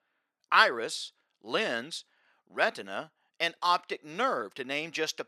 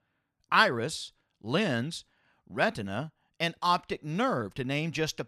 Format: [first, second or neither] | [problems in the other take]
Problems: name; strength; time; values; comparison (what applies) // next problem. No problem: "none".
second | thin; somewhat; fading below 400 Hz